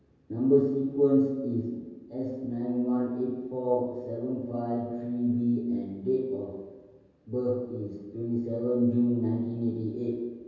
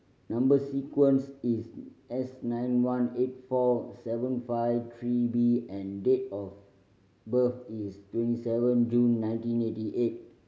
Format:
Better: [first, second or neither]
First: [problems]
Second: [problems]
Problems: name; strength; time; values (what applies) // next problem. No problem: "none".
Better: second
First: room echo; dies away in 1.2 s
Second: none